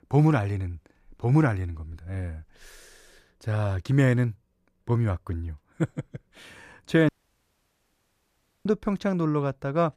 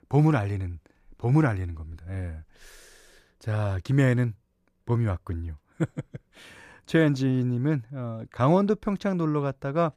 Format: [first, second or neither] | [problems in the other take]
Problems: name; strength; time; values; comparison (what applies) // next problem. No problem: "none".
second | audio cutting out; at 7 s for 1.5 s